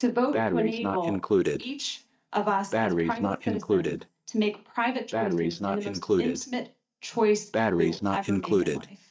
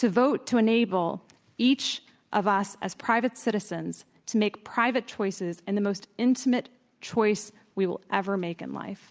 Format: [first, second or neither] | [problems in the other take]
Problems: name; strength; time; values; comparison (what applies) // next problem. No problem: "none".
second | noise reduction (neural mask model DeepFilterNet 3)